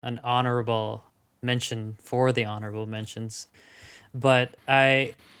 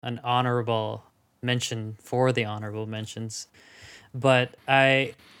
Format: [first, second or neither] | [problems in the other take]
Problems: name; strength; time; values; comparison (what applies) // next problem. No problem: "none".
second | garbled, watery; slightly; nothing above 19 kHz